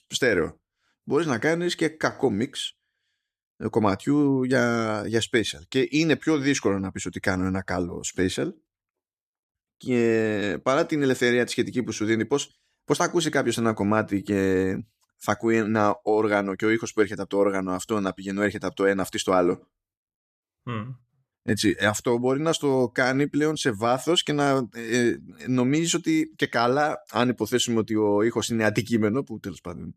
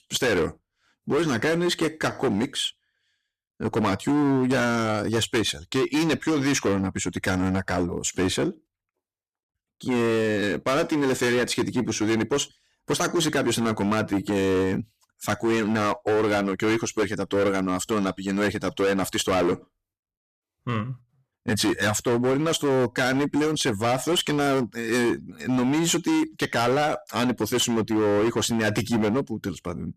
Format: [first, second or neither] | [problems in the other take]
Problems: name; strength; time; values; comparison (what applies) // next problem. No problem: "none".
first | distortion; heavy; 18% of the sound clipped